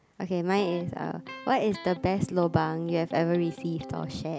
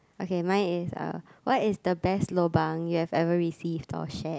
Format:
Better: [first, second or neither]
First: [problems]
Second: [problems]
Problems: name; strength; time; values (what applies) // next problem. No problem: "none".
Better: second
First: background sound (Electric guitar); 15 dB below the speech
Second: none